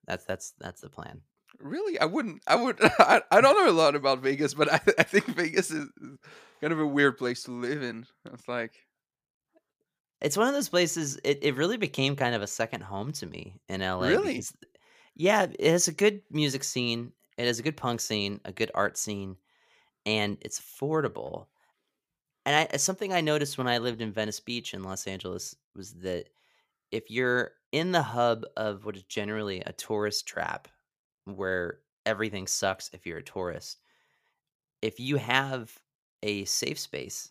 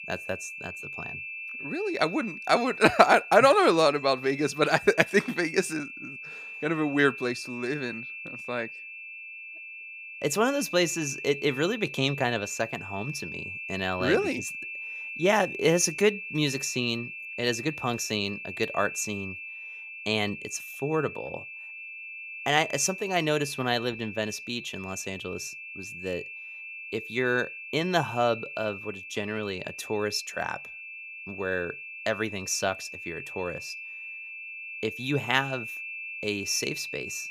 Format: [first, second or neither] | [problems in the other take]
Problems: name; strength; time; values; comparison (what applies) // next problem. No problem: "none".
first | high-pitched whine; loud; throughout; 2.5 kHz, 10 dB below the speech